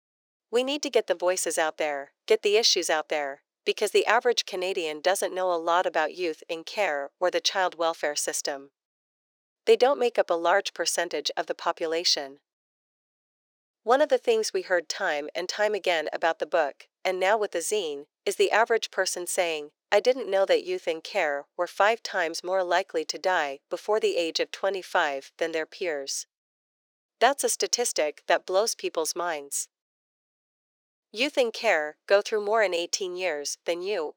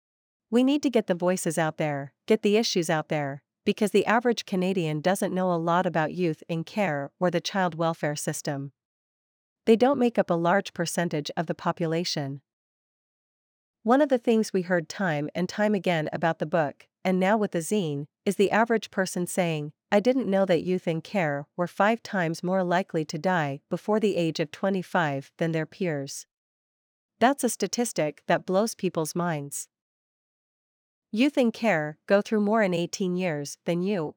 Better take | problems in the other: second | thin; very; fading below 400 Hz

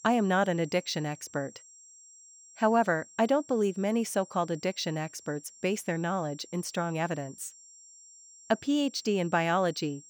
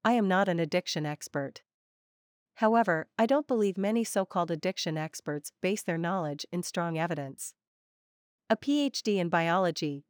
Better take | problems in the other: second | high-pitched whine; faint; throughout; 7.5 kHz, 20 dB below the speech

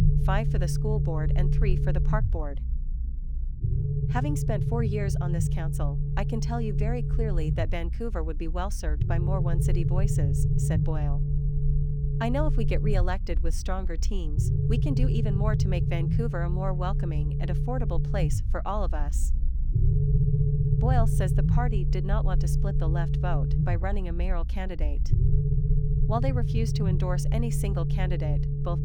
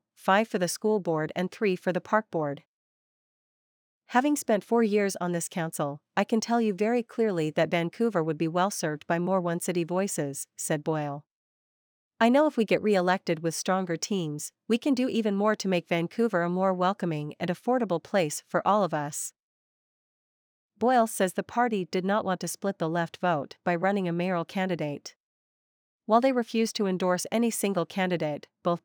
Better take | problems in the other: second | low rumble; loud; throughout; 4 dB below the speech

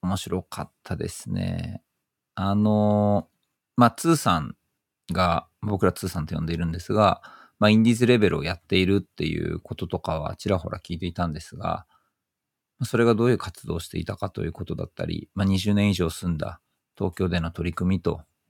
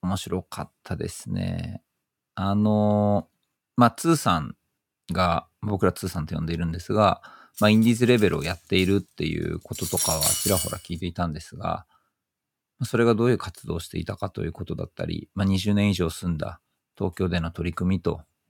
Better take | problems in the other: first | clattering dishes; loud; from 7.5 to 11 s; peak 4 dB above the speech

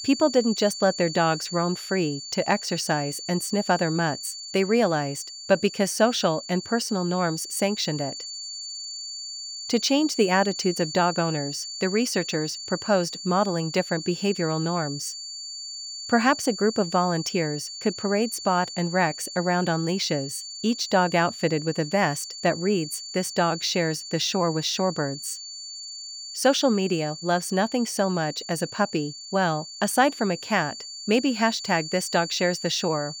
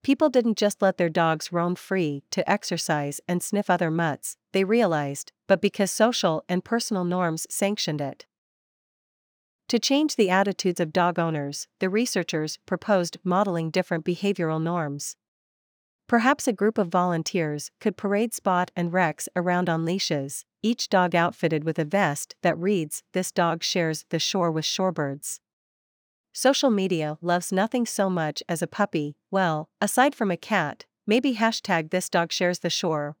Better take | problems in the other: second | high-pitched whine; loud; throughout; 4.5 kHz, 9 dB below the speech

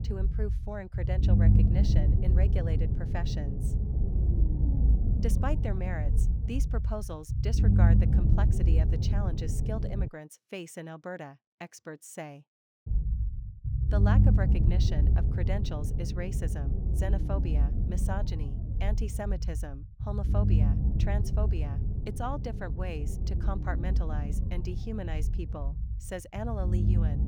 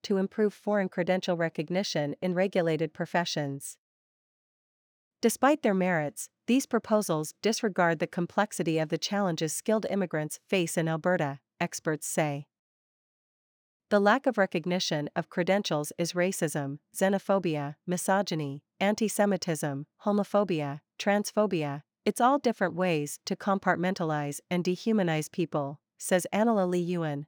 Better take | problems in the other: second | low rumble; loud; until 10 s and from 13 s on; 2 dB below the speech

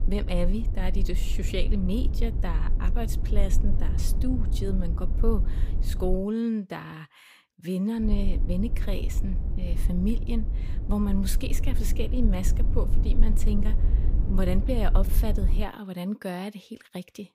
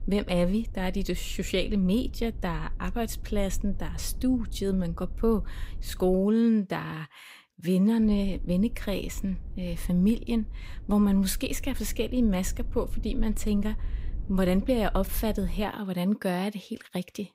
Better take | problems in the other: second | low rumble; loud; until 6 s and from 8 to 16 s; 10 dB below the speech; faint in the second

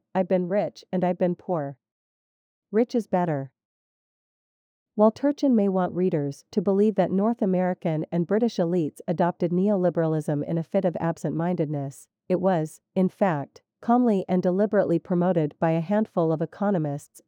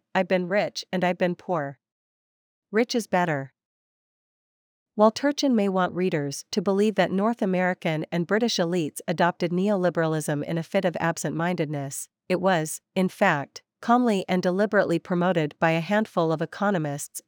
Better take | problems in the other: second | muffled; slightly; fading above 1 kHz

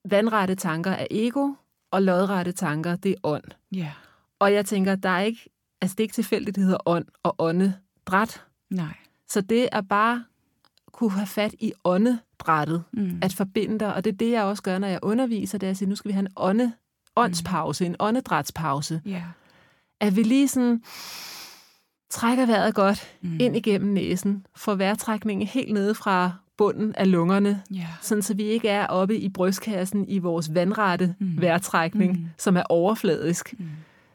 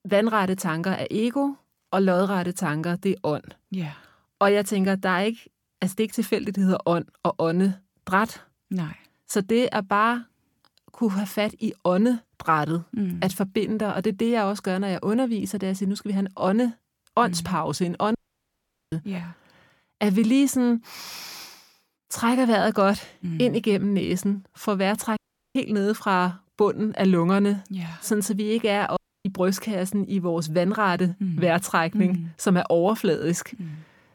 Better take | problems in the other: first | audio cutting out; at 18 s for 1 s, at 25 s and at 29 s

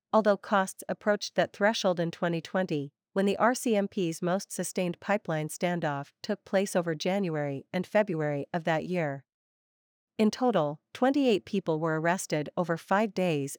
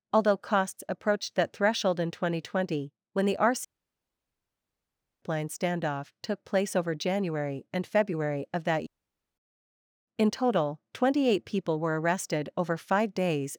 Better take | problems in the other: first | audio cutting out; at 3.5 s for 1.5 s and at 9 s for 0.5 s

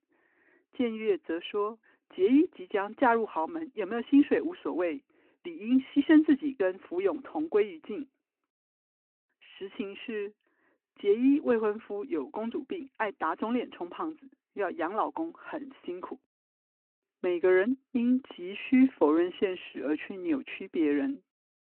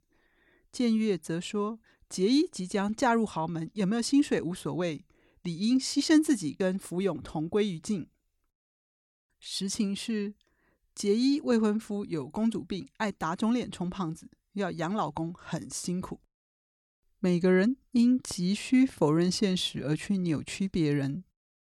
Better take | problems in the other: second | phone-call audio

